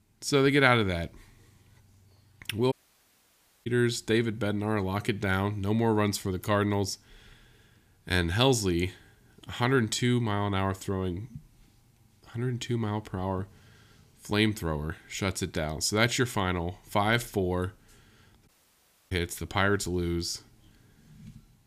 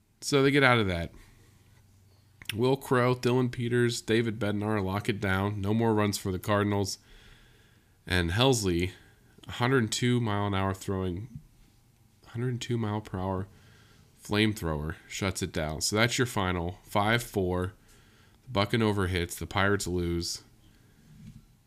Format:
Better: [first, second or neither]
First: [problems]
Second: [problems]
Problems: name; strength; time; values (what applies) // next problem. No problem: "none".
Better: second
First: audio cutting out; at 2.5 s for 1 s and at 18 s for 0.5 s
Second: none